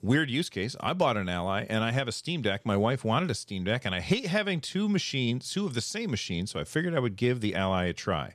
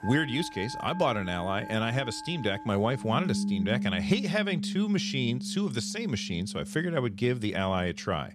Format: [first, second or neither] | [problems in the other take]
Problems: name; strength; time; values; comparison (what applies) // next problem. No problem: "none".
first | background music; loud; throughout; 7 dB below the speech